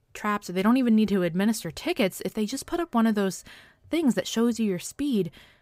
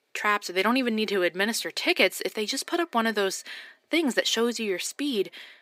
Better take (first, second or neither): first